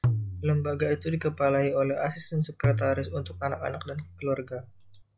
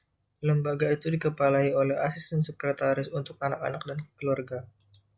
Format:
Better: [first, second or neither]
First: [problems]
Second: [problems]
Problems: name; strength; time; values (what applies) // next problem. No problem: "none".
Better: second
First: background sound (Tabla); 5 dB below the speech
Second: none